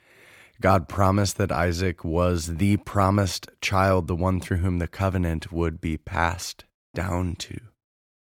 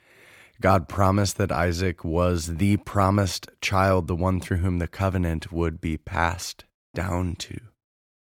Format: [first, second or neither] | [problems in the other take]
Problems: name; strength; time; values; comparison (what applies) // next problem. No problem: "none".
neither | none